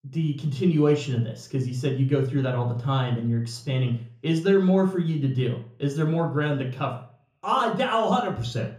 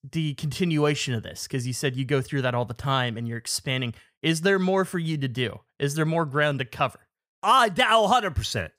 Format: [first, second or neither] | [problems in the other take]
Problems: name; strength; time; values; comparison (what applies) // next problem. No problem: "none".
second | room echo; slight; dies away in 0.8 s // off-mic speech; far